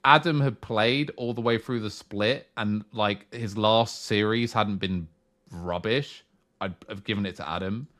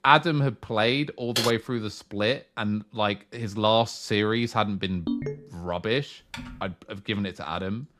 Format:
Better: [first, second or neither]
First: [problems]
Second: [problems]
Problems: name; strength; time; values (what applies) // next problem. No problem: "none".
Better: first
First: none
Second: keyboard typing; noticeable; at 1.5 s; peak 1 dB below the speech // phone ringing; noticeable; at 5 s; peak 4 dB below the speech // keyboard typing; faint; at 6.5 s; peak 15 dB below the speech